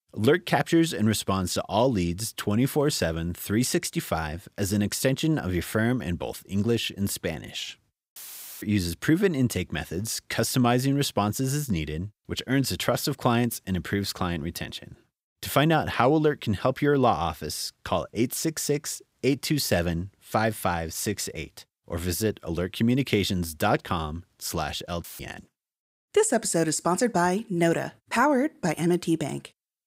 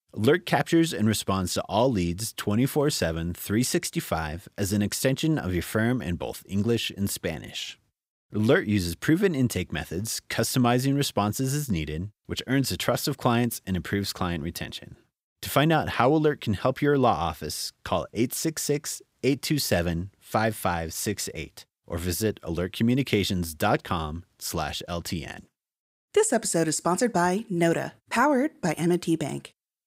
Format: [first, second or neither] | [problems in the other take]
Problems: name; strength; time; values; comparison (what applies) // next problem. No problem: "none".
second | audio cutting out; filled with static; at 8 s and at 25 s